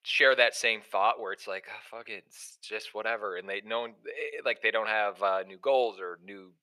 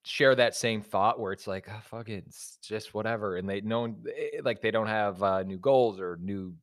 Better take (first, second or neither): second